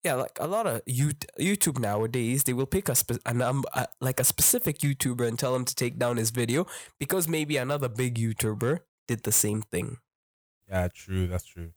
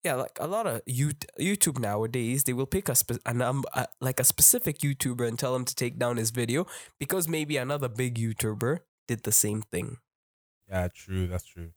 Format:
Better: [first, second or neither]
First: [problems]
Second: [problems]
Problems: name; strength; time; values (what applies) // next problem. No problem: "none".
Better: second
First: distortion; slight; 2% of the sound clipped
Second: none